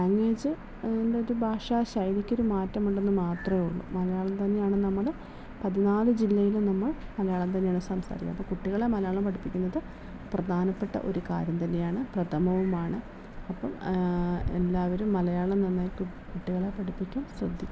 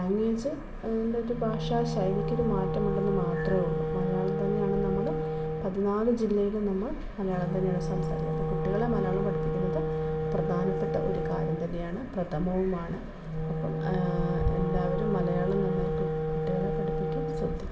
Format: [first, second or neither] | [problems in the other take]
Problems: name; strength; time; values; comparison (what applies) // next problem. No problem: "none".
first | background sound (Wind instrument, woodwind instrument); 2 dB below the speech // room echo; dies away in 2.6 s